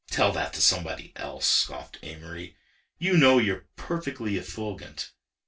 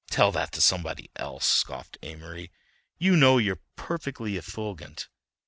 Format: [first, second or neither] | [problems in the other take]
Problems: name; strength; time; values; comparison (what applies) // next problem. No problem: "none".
second | room echo; dies away in 0.2 s